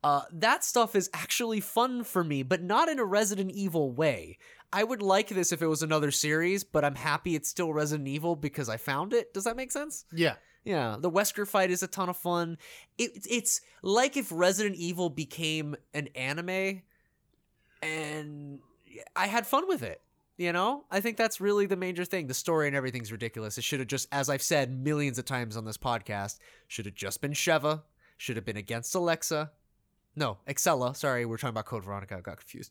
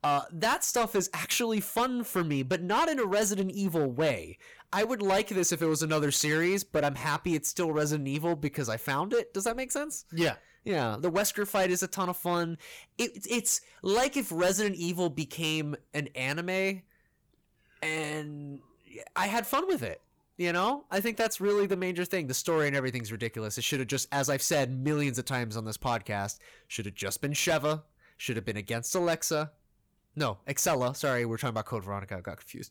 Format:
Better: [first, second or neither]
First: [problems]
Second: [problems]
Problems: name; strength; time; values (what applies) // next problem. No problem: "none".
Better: first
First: none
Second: distortion; slight; 6% of the sound clipped